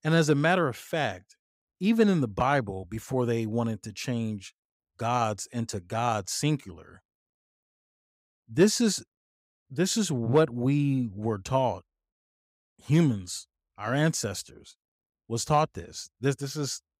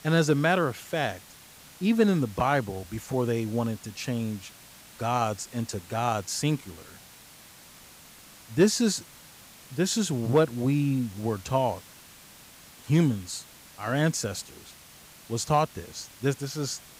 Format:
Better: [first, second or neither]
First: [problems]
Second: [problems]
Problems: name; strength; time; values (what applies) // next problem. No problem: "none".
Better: first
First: none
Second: hiss; faint; throughout; 20 dB below the speech